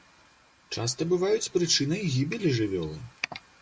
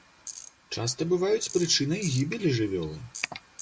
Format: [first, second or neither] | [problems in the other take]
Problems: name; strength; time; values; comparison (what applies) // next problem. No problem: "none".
first | background sound (Tools); 17 dB below the speech